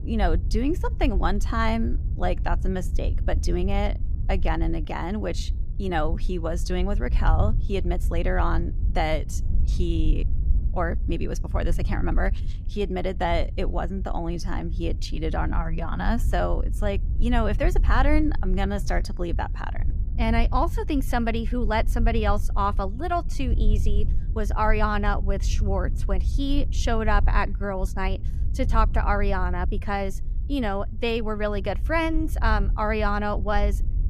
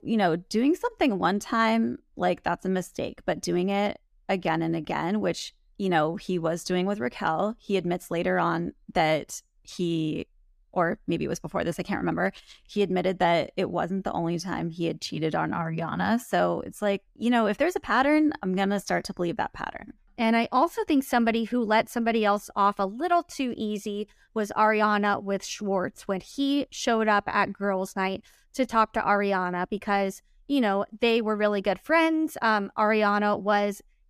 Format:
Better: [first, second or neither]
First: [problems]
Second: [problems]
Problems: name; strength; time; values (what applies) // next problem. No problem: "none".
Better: second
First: wind noise on the microphone; occasional gusts; 20 dB below the speech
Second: none